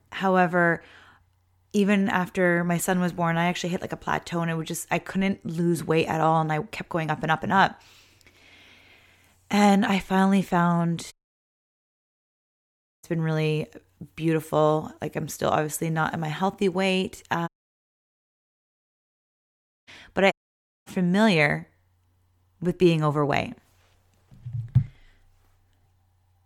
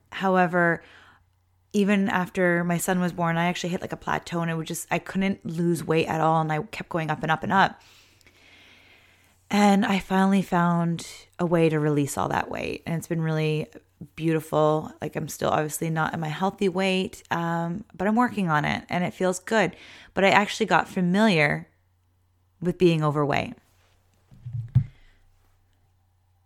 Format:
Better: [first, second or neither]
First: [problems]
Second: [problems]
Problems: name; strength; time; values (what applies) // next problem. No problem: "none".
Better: second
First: audio cutting out; at 11 s for 2 s, at 17 s for 2.5 s and at 20 s for 0.5 s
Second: none